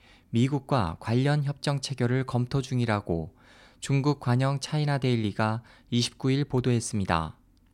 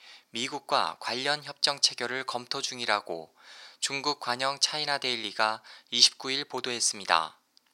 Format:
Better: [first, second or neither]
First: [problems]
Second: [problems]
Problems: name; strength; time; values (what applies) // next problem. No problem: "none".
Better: first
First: none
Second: thin; very; fading below 700 Hz